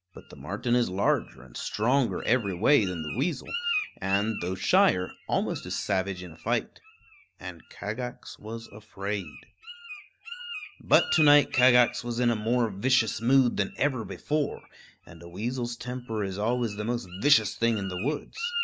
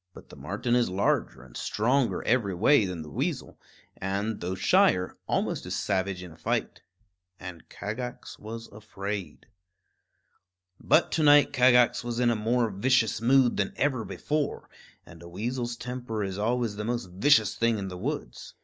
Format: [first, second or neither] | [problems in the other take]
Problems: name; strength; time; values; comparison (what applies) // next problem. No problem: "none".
second | background sound (Bird); 12 dB below the speech